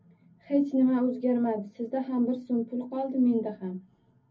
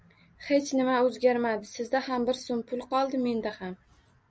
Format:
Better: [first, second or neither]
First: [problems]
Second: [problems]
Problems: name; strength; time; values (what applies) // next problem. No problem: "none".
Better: second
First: room echo; dies away in 0.3 s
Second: none